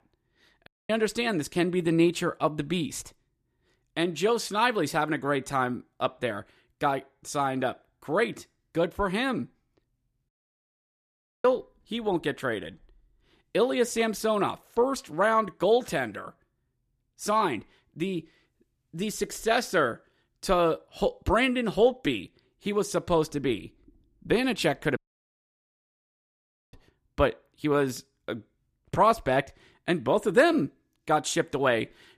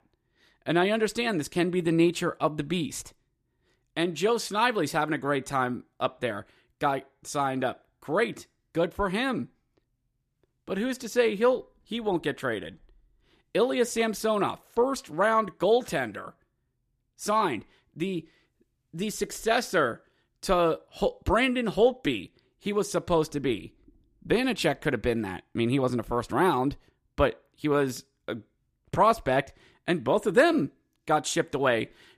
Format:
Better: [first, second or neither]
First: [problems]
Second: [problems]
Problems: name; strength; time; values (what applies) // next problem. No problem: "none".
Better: second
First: audio cutting out; at 0.5 s, at 10 s for 1 s and at 25 s for 2 s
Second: none